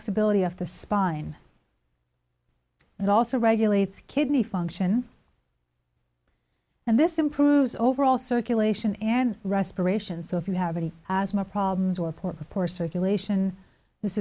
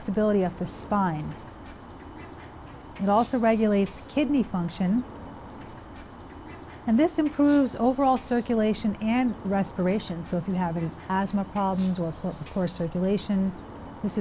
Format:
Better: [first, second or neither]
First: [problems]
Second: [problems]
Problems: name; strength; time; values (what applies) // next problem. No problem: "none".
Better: first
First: none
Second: background sound (Bird); 16 dB below the speech